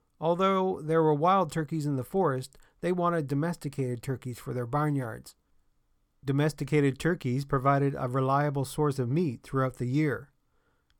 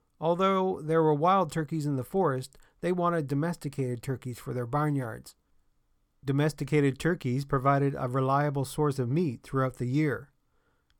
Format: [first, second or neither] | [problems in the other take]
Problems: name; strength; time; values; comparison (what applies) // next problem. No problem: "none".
neither | none